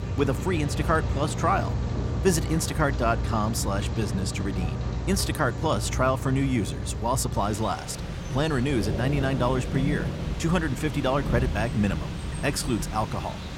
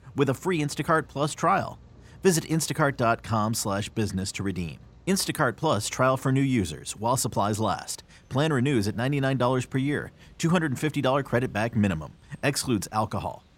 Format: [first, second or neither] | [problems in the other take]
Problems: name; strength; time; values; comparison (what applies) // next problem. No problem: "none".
second | rain or running water; loud; throughout; 4 dB below the speech; faint in the second